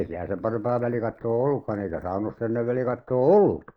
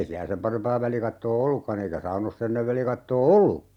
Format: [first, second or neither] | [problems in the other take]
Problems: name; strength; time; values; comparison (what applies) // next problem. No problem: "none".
second | noise reduction (neural mask model Resemble Enhance denoiser)